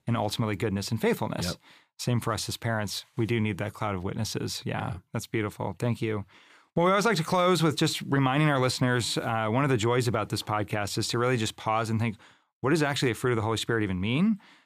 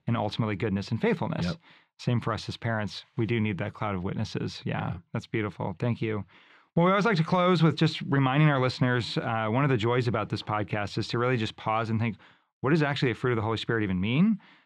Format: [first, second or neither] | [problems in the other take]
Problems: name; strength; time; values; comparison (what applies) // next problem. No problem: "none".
first | muffled; very slightly; fading above 3 kHz